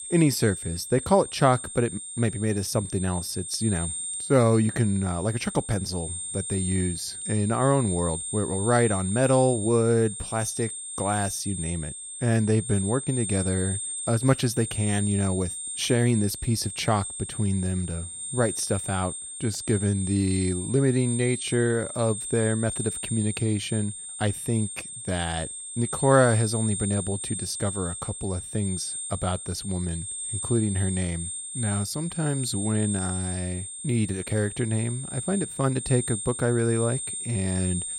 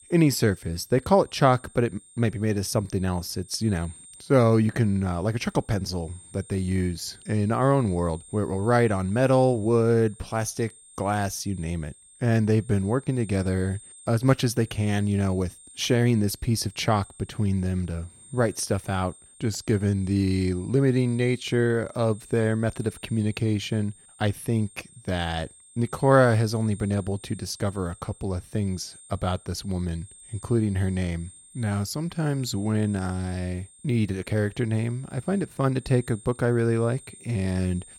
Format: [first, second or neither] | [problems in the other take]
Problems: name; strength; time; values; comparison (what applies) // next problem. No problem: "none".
second | high-pitched whine; loud; throughout; 8.5 kHz, 6 dB below the speech; faint in the second